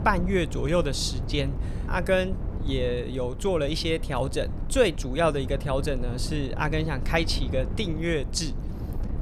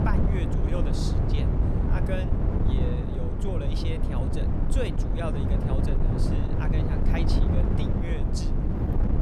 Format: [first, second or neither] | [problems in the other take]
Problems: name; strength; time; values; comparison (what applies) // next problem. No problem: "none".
first | wind noise on the microphone; heavy; 2 dB above the speech; occasional gusts in the first